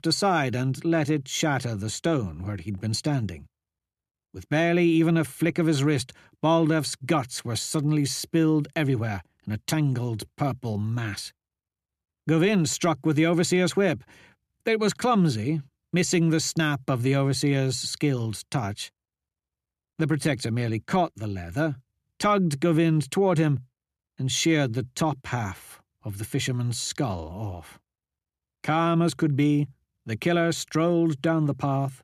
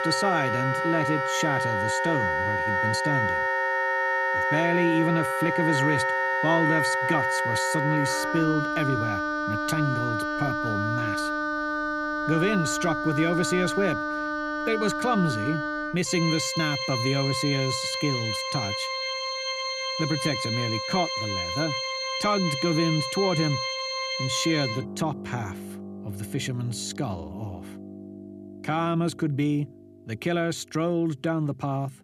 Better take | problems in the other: first | background music; very loud; throughout; 1 dB above the speech

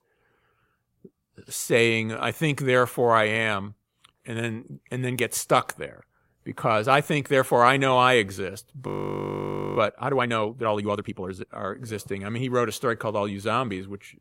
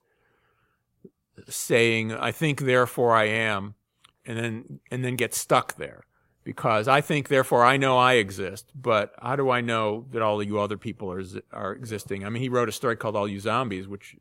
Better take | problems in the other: second | audio freezing; at 9 s for 1 s

